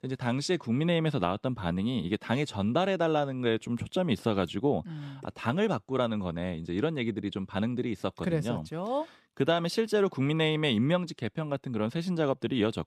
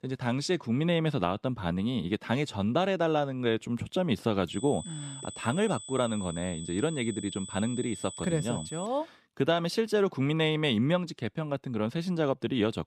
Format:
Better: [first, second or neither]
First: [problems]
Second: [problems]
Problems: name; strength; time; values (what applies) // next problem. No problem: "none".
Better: first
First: none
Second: high-pitched whine; noticeable; from 4.5 to 9 s; 8 kHz, 10 dB below the speech